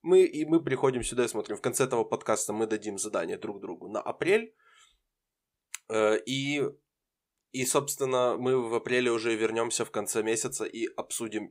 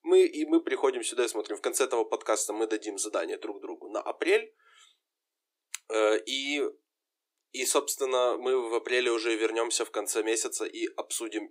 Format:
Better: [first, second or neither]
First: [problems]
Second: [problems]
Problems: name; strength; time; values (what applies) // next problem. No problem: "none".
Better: first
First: none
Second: thin; somewhat; fading below 300 Hz